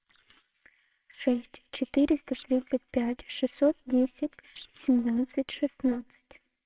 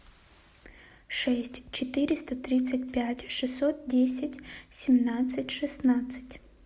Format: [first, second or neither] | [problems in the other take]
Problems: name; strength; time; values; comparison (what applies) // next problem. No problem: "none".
second | noise reduction (neural separator model SepFormer WHAMR!)